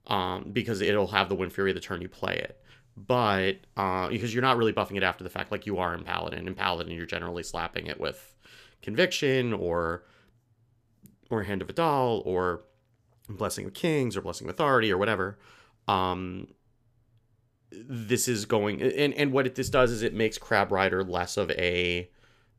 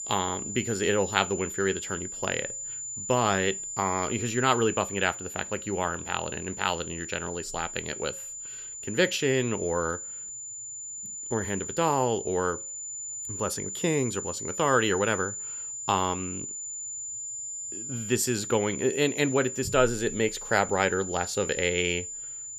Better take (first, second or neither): first